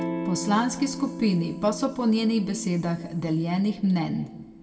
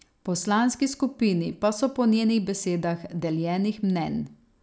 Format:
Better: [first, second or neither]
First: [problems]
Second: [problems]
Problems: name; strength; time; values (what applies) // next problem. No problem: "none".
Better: second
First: background sound (Electric guitar / Strum); 11 dB below the speech // room echo; dies away in 1.3 s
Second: none